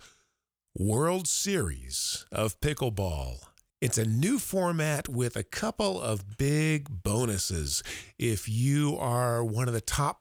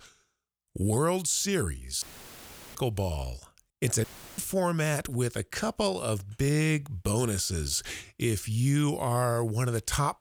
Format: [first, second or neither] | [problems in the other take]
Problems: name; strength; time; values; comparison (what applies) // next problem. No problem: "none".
first | audio cutting out; filled with static; at 2 s for 0.5 s and at 4 s